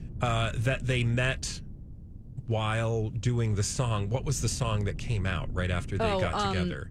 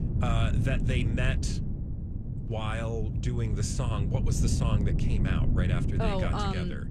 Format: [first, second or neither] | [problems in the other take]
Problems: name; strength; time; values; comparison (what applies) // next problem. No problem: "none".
first | wind noise on the microphone; heavy; 6 dB below the speech; occasional gusts in the first